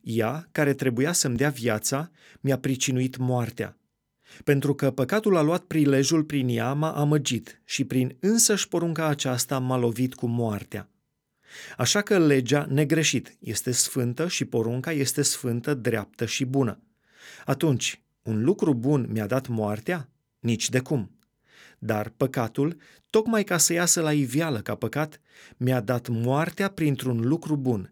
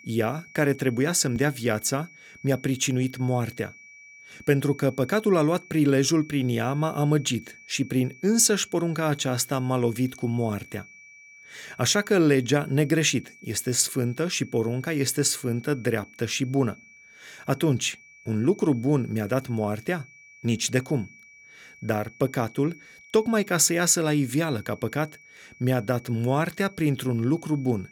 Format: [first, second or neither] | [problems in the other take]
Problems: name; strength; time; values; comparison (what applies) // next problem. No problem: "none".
first | high-pitched whine; faint; throughout; 2.5 kHz, 25 dB below the speech